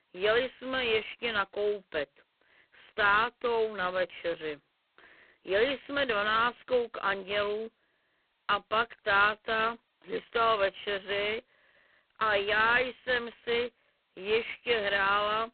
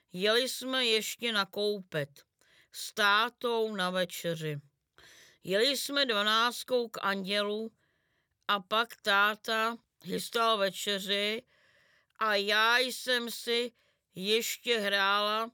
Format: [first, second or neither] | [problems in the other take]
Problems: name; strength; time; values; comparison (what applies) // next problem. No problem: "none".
second | phone-call audio; poor line; nothing above 4 kHz